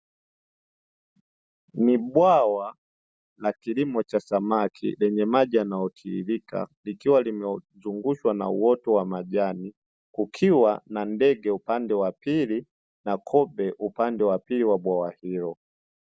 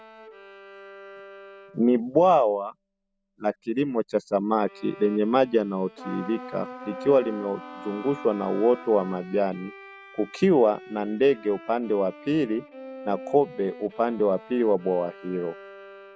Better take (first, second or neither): first